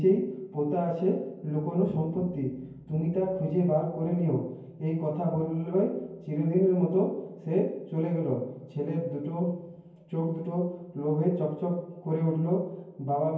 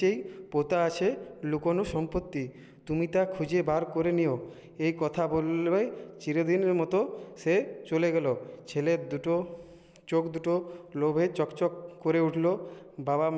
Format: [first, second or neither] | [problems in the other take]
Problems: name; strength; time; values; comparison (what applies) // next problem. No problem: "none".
second | room echo; dies away in 0.9 s